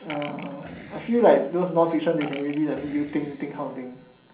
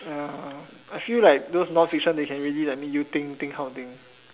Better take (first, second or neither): second